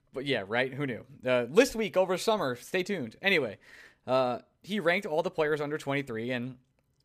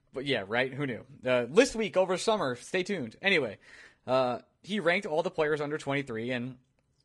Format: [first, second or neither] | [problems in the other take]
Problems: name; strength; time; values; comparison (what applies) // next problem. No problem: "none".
first | garbled, watery; slightly; nothing above 10 kHz